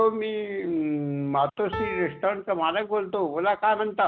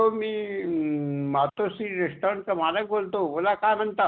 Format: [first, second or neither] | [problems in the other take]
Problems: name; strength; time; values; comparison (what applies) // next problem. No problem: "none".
second | background sound (Piano); 7 dB below the speech